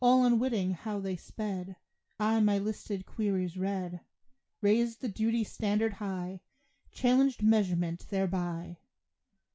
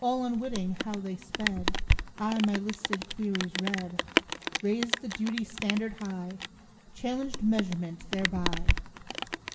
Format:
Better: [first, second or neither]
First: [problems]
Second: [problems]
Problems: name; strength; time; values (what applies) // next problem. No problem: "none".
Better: first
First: none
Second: background sound (Rain); as loud as the speech // room echo; dies away in 2.3 s